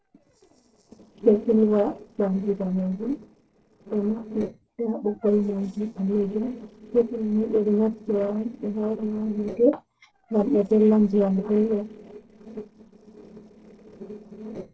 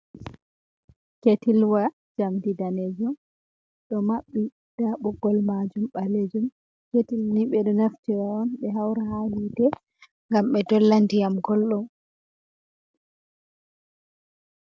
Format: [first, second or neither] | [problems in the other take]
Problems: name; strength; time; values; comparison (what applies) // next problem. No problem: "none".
second | noise reduction (neural separator model SepFormer DNS4)